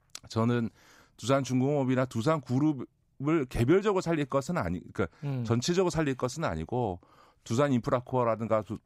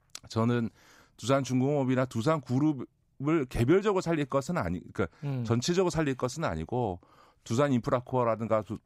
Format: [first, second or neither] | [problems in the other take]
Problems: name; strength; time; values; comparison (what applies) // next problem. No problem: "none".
neither | none